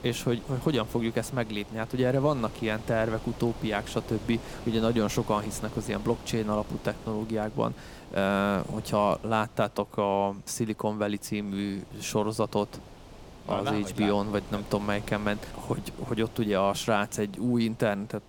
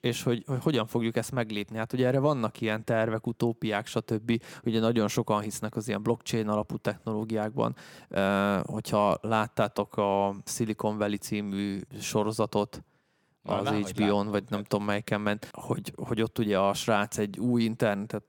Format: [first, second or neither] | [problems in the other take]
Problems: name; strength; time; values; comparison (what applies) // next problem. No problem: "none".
second | wind noise on the microphone; occasional gusts; 15 dB below the speech